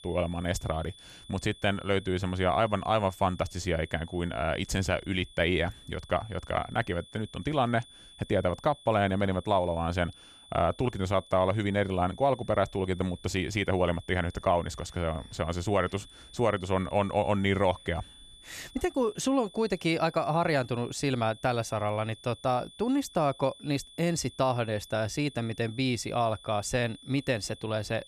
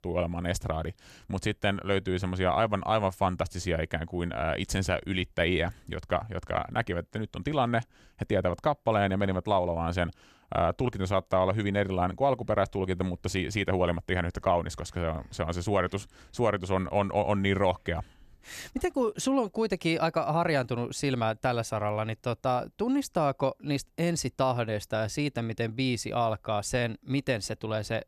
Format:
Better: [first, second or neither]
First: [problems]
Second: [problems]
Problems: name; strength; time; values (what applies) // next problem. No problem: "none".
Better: second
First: high-pitched whine; faint; throughout; 3.5 kHz, 20 dB below the speech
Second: none